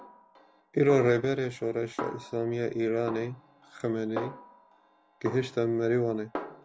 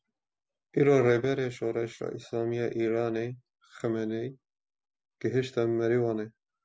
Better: second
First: background sound (Snare drum); 13 dB below the speech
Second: none

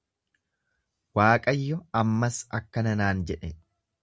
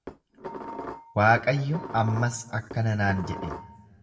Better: first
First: none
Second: background sound (Dishes, pots, and pans); 12 dB below the speech // room echo; dies away in 1.1 s

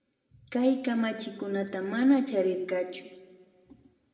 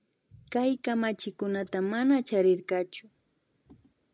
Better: second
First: room echo; dies away in 1.6 s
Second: none

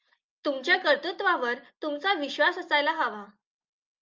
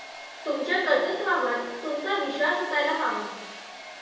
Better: first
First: none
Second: background sound (Domestic sounds, home sounds); 14 dB below the speech // room echo; dies away in 1.1 s

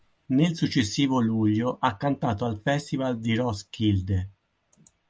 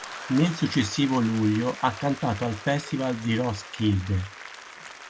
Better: first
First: none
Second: background sound (Applause / Crowd); 14 dB below the speech

